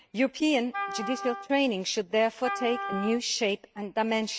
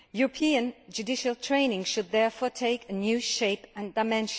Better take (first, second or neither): second